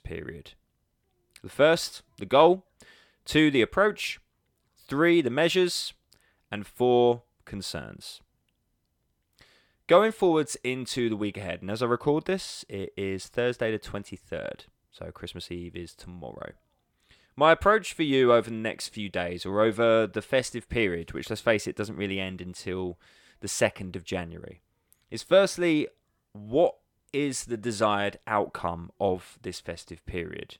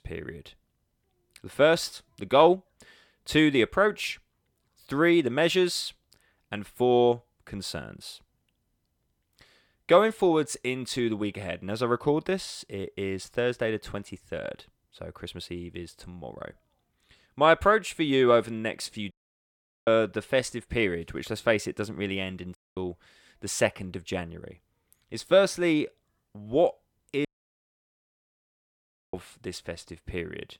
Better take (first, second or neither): first